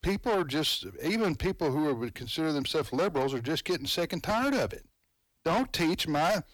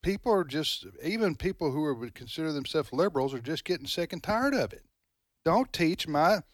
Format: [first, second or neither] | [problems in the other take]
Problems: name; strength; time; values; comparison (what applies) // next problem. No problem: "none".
second | distortion; heavy; 8 dB below the speech